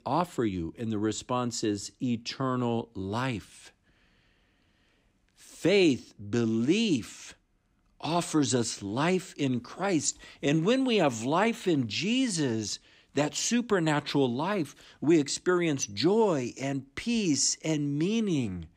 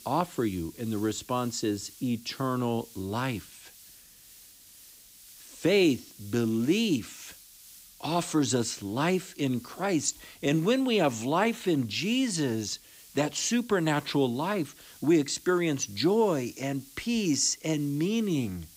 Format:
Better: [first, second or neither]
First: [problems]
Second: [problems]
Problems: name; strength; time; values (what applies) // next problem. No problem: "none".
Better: first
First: none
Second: hiss; faint; throughout; 20 dB below the speech